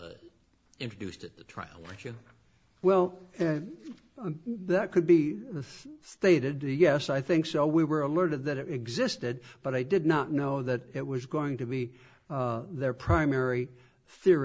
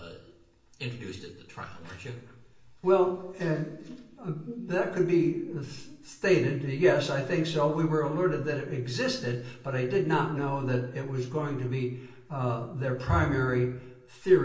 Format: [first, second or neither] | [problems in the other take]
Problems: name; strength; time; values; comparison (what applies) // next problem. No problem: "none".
first | room echo; dies away in 0.7 s